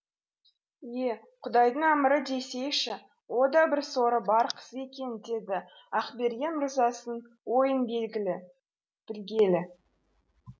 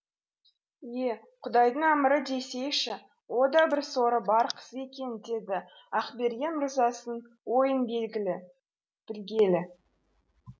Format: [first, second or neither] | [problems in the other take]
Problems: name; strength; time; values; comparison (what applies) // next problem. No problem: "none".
first | background sound (Drip); 16 dB below the speech